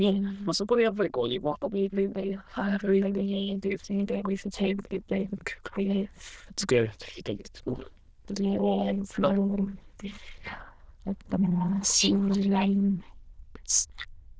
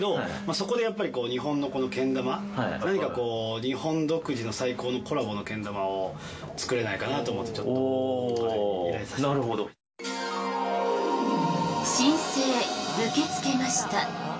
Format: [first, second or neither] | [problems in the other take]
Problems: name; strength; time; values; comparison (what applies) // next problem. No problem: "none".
second | noise reduction (neural diffusion model UNIVERSE++)